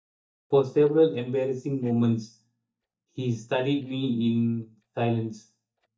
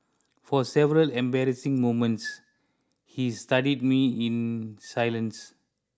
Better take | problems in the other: second | noise reduction (neural mask model DeepFilterNet 3)

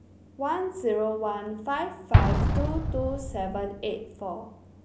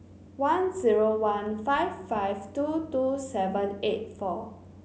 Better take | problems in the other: second | background sound (Explosion); 2 dB above the speech

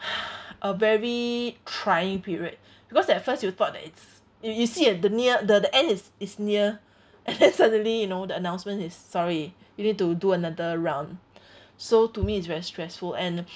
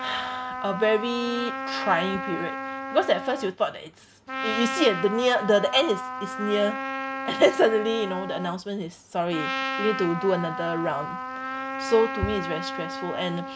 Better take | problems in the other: first | background sound (Trumpet); 6 dB below the speech

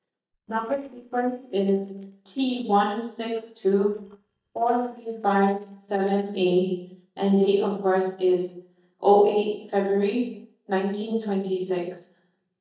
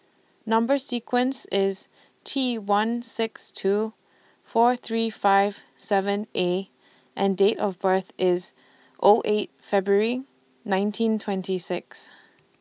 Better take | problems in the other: second | noise reduction (neural mask model DeepFilterNet 3)

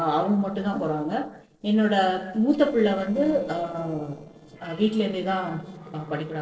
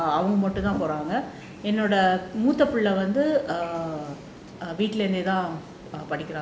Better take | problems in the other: second | noise reduction (neural separator model SepFormer DNS4)

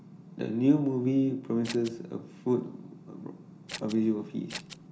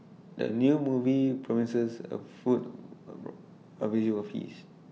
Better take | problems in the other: second | background sound (Scissors); 13 dB below the speech // room echo; dies away in 0.4 s

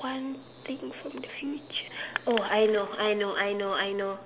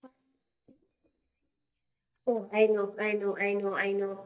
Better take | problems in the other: first | noise reduction (neural mask model DeepFilterNet 3)

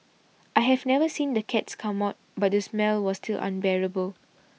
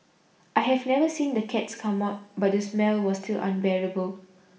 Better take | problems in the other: first | room echo; dies away in 0.9 s

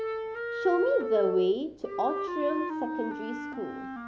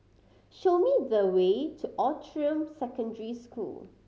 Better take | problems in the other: second | background sound (Wind instrument, woodwind instrument); 4 dB below the speech

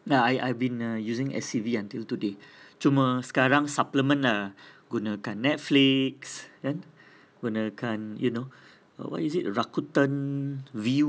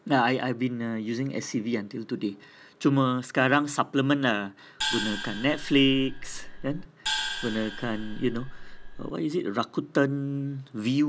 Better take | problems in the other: first | background sound (Gong); 6 dB below the speech

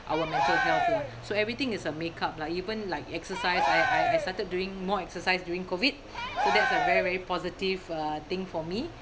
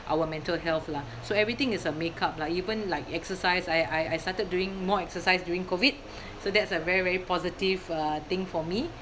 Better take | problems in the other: second | background sound (Cheering); as loud as the speech

